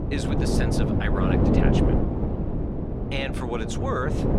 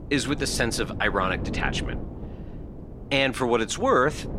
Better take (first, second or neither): second